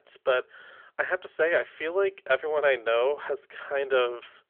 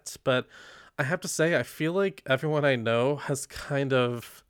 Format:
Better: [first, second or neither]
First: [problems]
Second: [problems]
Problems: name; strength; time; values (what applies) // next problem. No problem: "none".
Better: second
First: phone-call audio; nothing above 3.5 kHz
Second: none